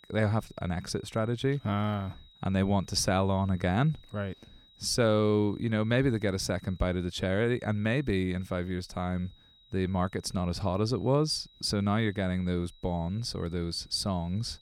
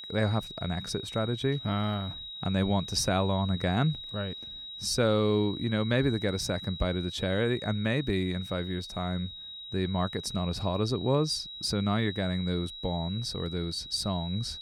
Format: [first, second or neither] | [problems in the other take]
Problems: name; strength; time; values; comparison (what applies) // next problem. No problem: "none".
first | high-pitched whine; loud; throughout; 4 kHz, 9 dB below the speech; faint in the first